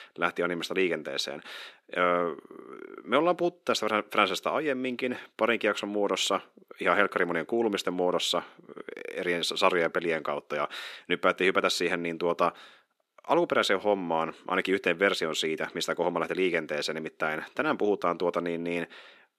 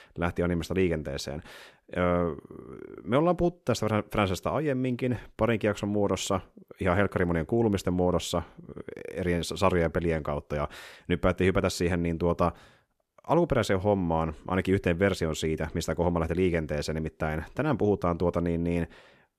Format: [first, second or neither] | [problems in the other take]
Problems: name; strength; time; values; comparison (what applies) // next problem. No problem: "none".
second | thin; somewhat; fading below 250 Hz